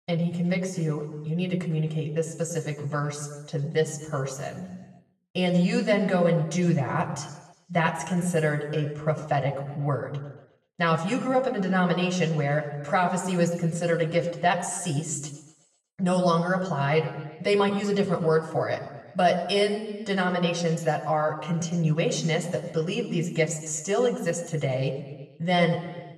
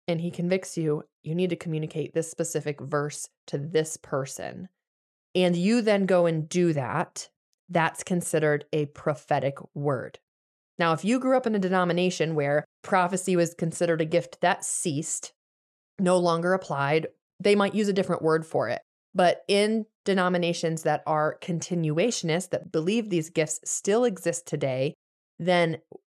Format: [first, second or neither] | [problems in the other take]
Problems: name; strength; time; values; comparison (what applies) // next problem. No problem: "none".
second | room echo; slight; dies away in 1.2 s // off-mic speech; somewhat distant